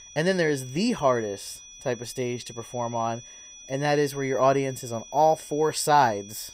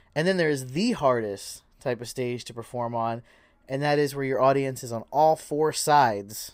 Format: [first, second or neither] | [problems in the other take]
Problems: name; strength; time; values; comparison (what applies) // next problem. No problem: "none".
second | high-pitched whine; noticeable; throughout; 6 kHz, 20 dB below the speech